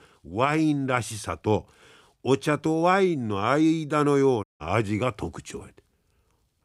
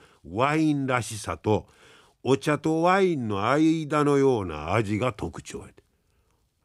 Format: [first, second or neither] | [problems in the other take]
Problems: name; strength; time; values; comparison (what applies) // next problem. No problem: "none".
second | audio cutting out; at 4.5 s